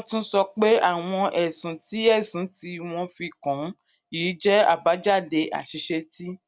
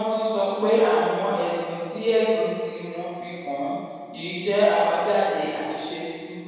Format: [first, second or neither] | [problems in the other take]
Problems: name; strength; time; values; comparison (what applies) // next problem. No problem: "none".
first | room echo; dies away in 1.9 s